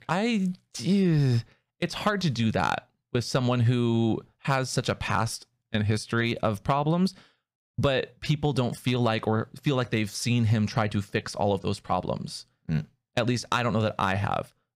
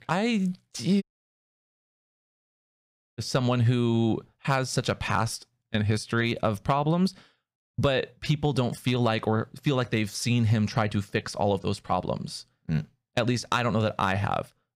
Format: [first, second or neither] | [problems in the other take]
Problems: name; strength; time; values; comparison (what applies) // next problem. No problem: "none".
first | audio cutting out; at 1 s for 2 s